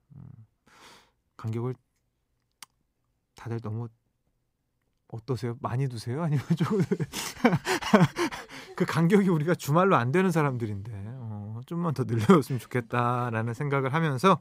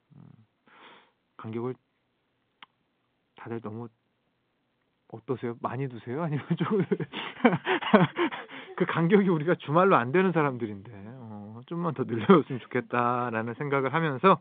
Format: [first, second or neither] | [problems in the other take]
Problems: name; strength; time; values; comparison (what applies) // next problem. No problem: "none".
first | phone-call audio; nothing above 3.5 kHz